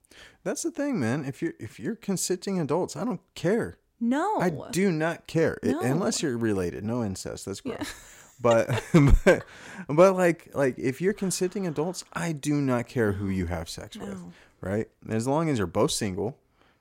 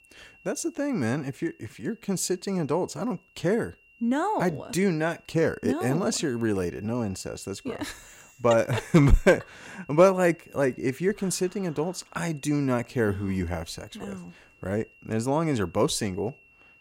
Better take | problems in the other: first | high-pitched whine; faint; throughout; 2.5 kHz, 30 dB below the speech

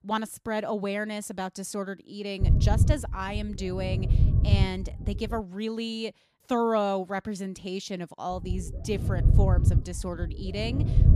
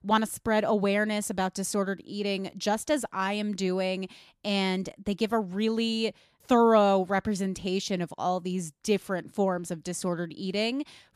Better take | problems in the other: second | low rumble; loud; from 2.5 to 5.5 s and from 8.5 s on; 8 dB below the speech

